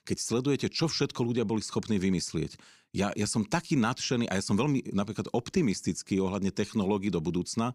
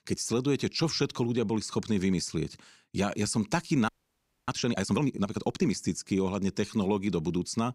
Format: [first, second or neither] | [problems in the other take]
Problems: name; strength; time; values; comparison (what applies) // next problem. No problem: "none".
first | audio freezing; at 4 s for 0.5 s